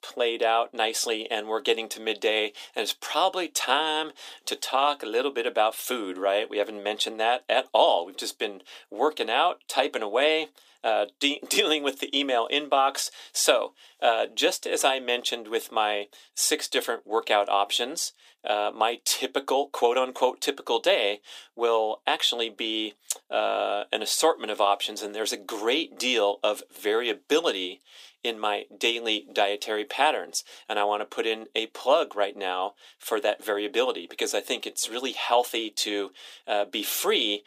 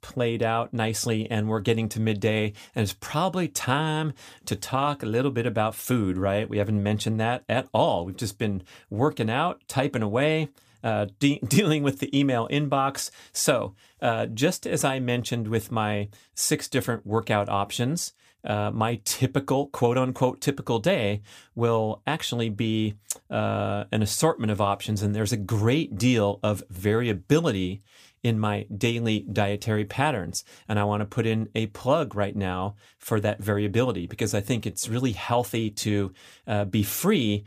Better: second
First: thin; very; fading below 350 Hz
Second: none

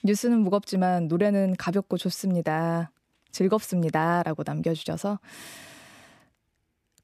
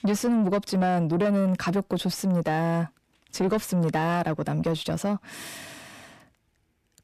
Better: first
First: none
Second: distortion; slight; 10 dB below the speech

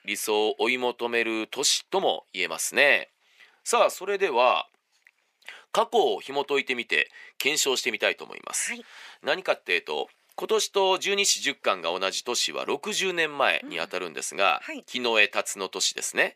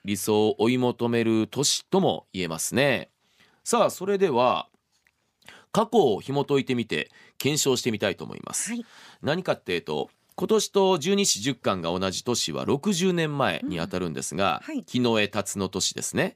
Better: second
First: thin; somewhat; fading below 500 Hz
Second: none

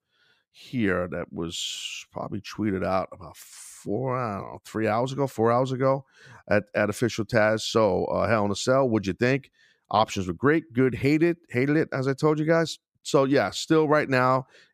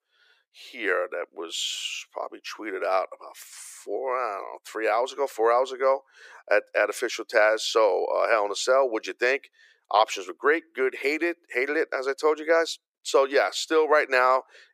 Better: first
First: none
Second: thin; very; fading below 400 Hz

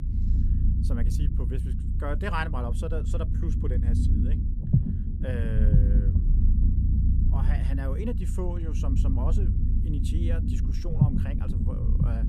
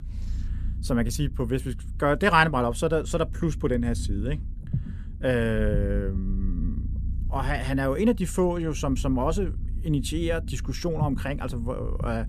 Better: second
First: low rumble; loud; throughout; 2 dB below the speech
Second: low rumble; faint; throughout; 20 dB below the speech

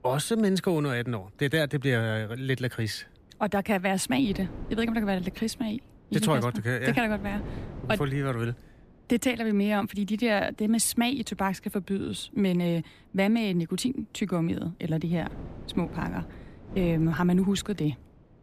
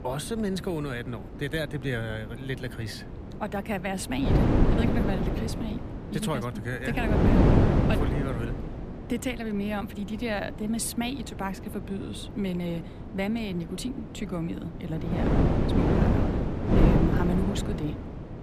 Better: first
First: wind noise on the microphone; occasional gusts; 20 dB below the speech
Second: wind noise on the microphone; heavy; 4 dB above the speech

